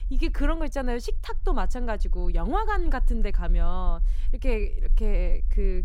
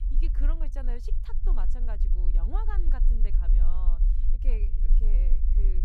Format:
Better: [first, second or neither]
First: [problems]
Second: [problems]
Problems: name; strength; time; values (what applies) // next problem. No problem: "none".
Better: first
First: low rumble; faint; throughout; 25 dB below the speech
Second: low rumble; loud; throughout; 6 dB below the speech